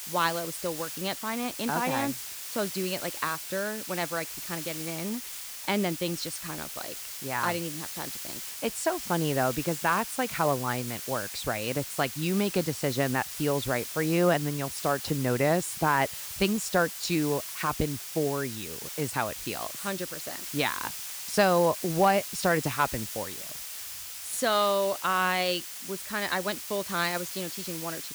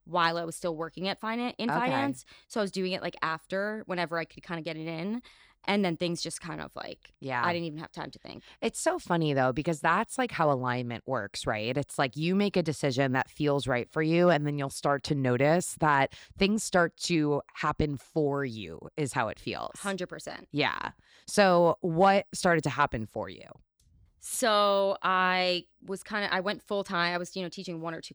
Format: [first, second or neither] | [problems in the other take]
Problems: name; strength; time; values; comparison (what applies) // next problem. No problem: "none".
second | hiss; loud; throughout; 6 dB below the speech